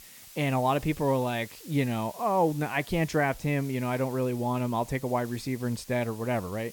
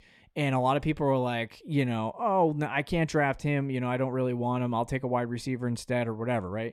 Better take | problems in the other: second | hiss; noticeable; throughout; 20 dB below the speech

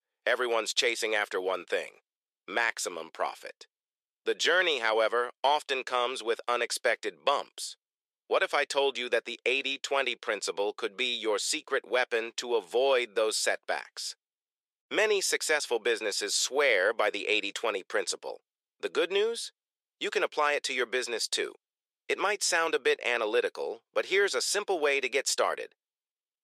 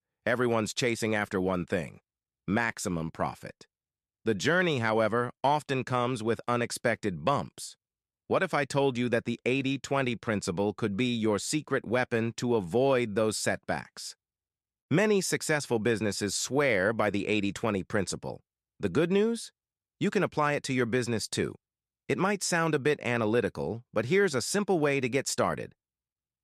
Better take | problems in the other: second | thin; very; fading below 450 Hz

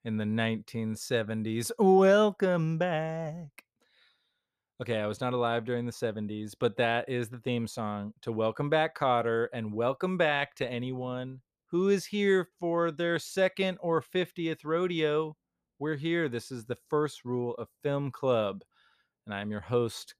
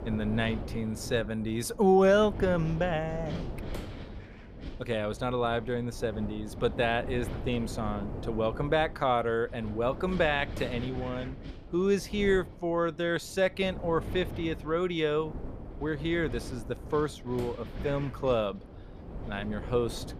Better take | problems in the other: first | wind noise on the microphone; occasional gusts; 15 dB below the speech

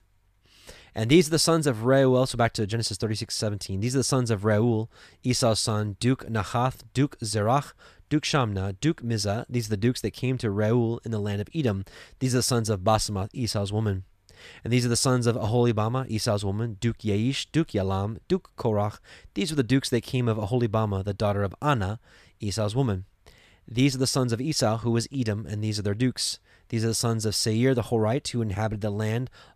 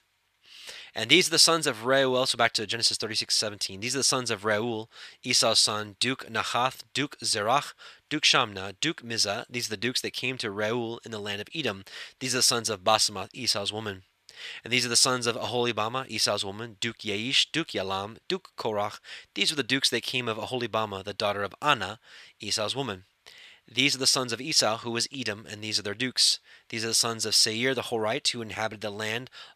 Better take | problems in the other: first | thin; somewhat; fading below 700 Hz

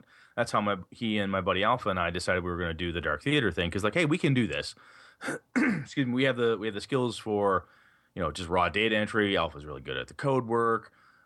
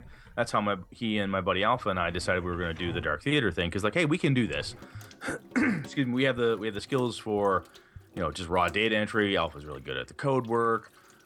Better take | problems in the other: first | household noises; faint; throughout; 20 dB below the speech

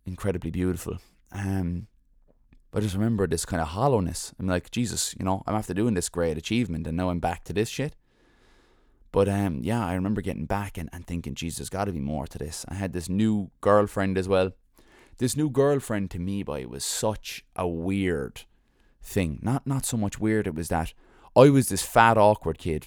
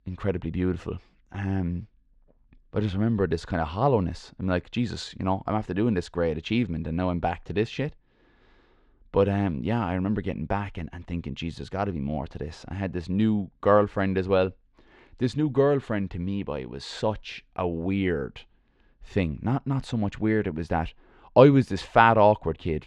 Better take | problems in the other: first | muffled; slightly; fading above 4 kHz

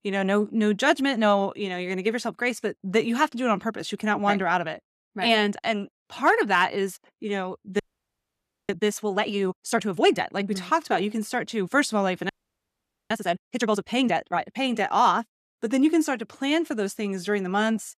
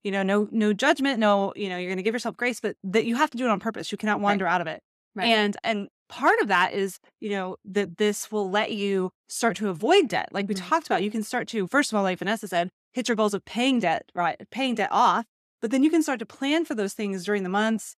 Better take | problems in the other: second | audio freezing; at 8 s for 1 s and at 12 s for 1 s

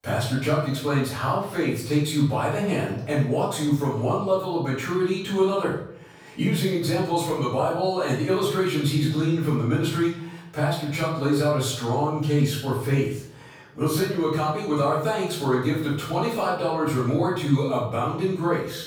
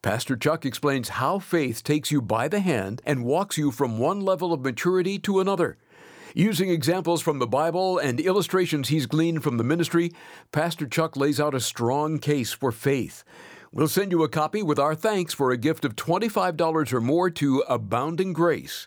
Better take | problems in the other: second | room echo; noticeable; dies away in 0.6 s // off-mic speech; far

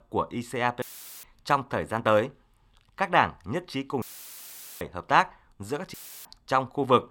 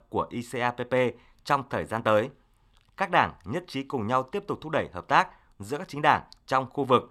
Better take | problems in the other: second | audio cutting out; filled with static; at 1 s, at 4 s for 1 s and at 6 s

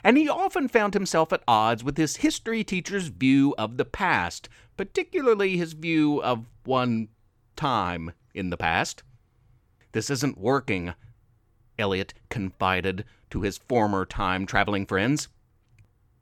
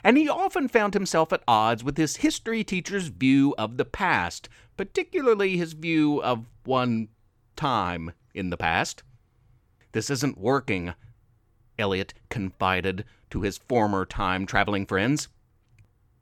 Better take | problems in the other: neither | none

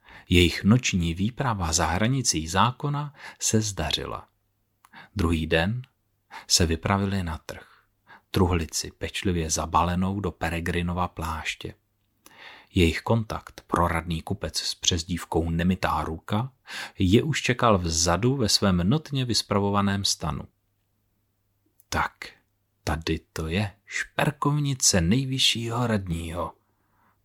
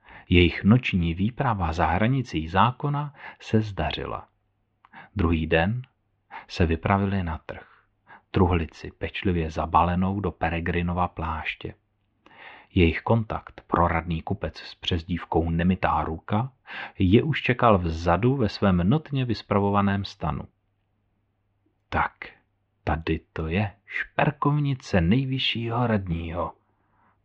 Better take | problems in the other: first | muffled; very; fading above 3 kHz

